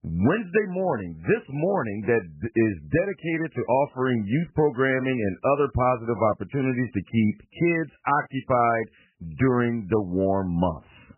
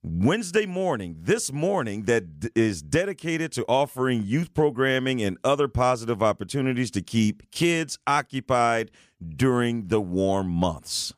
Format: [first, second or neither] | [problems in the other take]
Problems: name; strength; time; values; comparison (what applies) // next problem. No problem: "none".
second | garbled, watery; badly; nothing above 3 kHz